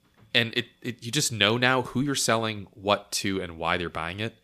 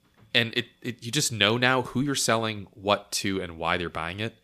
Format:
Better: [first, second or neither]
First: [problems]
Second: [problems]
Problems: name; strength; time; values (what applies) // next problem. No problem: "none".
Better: neither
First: none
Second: none